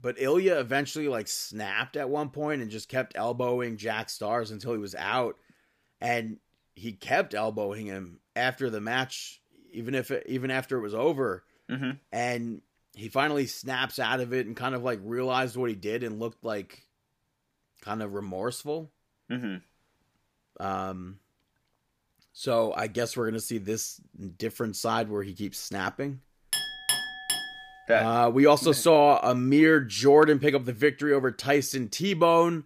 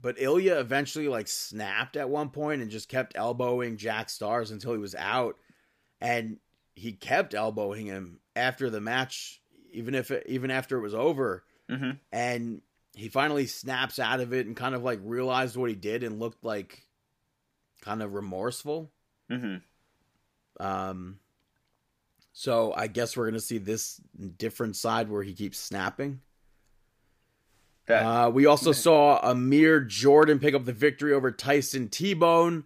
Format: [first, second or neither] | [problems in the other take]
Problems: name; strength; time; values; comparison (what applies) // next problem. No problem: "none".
second | clattering dishes; loud; at 27 s; peak level with the speech